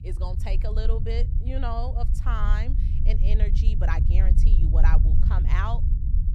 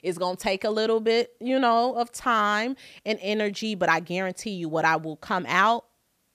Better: second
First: low rumble; loud; throughout; 7 dB below the speech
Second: none

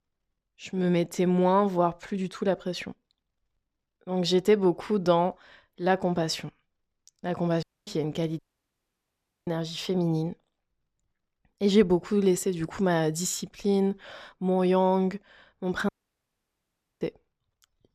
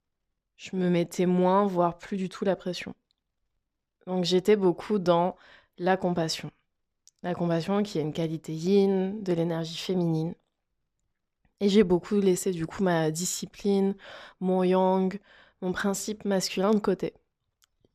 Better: second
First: audio cutting out; at 7.5 s, at 8.5 s for 1 s and at 16 s for 1 s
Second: none

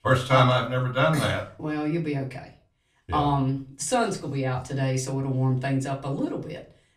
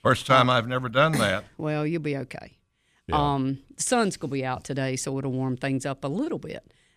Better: second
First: off-mic speech; far // room echo; very slight; dies away in 0.3 s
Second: none

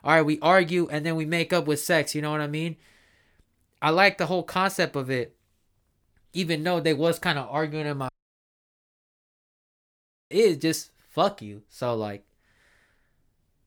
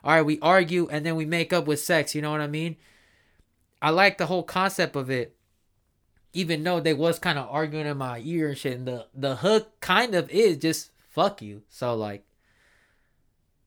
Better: second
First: audio cutting out; at 8 s for 2 s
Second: none

